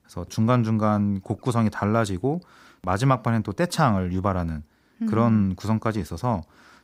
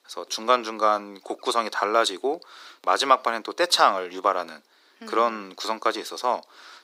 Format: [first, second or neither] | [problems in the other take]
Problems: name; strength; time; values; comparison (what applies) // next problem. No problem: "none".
first | thin; very; fading below 350 Hz